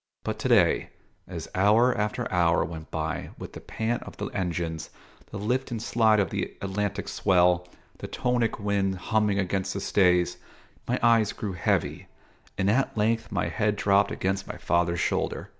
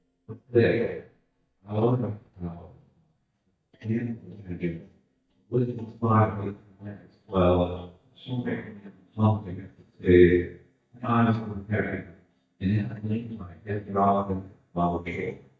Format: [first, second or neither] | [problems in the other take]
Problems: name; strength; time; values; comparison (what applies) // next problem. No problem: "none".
first | noise reduction (neural mask model DeepFilterNet 3)